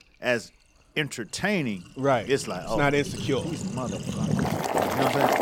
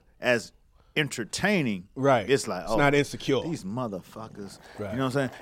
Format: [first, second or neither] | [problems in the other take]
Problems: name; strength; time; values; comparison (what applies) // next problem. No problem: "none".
second | household noises; loud; throughout; 1 dB below the speech; faint in the second